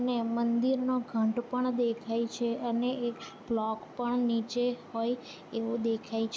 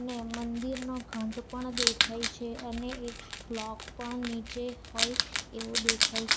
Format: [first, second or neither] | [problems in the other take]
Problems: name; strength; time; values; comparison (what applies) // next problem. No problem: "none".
first | background sound (Wild animals); 3 dB above the speech